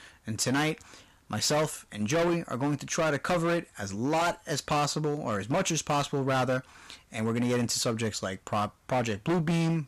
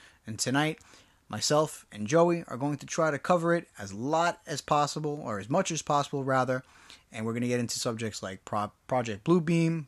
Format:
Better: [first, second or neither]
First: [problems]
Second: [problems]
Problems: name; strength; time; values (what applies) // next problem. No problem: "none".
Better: second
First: distortion; heavy; 15% of the sound clipped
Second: none